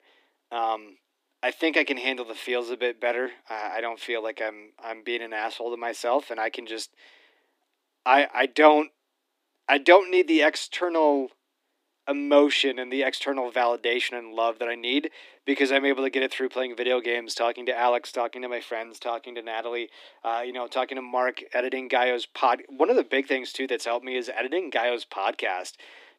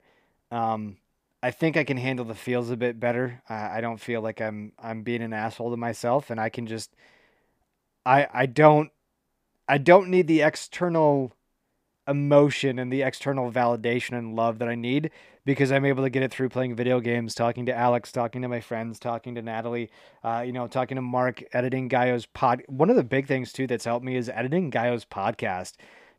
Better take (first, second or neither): second